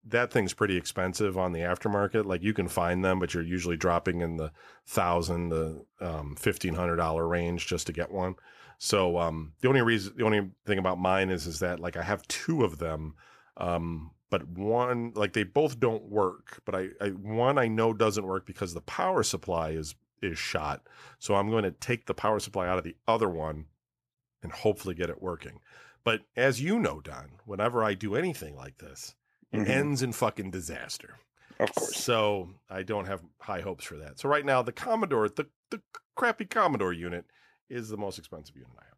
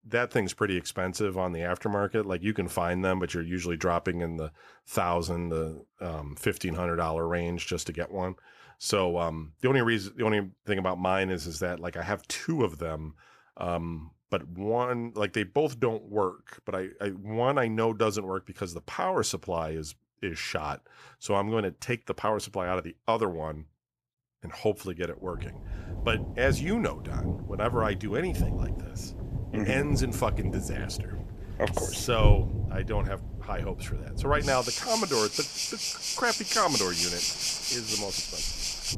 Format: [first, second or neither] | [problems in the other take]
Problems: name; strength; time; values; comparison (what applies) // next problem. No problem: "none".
first | rain or running water; loud; from 26 s on; 1 dB below the speech